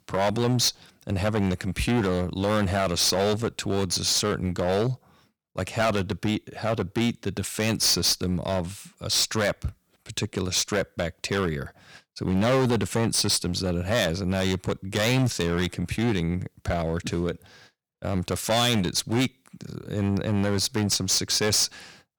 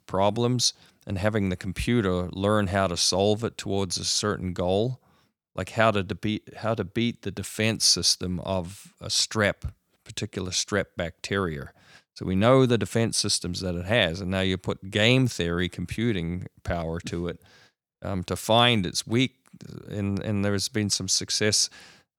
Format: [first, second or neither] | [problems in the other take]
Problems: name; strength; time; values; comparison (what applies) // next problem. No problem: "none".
second | distortion; heavy; 11% of the sound clipped